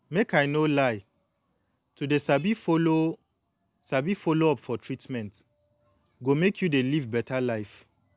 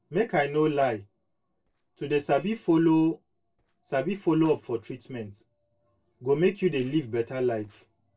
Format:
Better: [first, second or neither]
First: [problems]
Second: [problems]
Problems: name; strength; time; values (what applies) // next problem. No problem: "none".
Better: first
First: none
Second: noise reduction (neural separator model SepFormer DNS4)